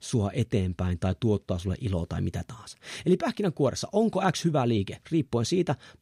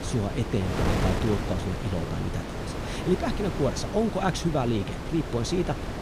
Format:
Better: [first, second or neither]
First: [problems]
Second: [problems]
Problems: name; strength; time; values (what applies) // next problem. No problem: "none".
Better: first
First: none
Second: wind noise on the microphone; heavy; 3 dB below the speech